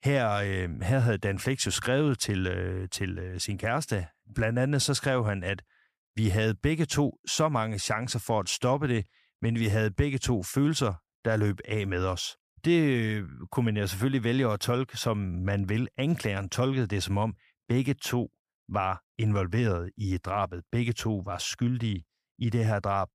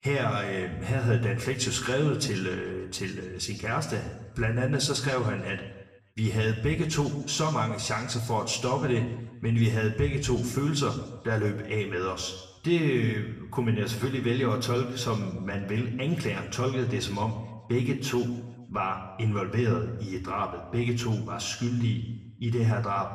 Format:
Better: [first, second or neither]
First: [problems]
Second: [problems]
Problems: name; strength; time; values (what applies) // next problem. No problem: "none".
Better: first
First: none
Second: room echo; slight; dies away in 0.9 s // off-mic speech; somewhat distant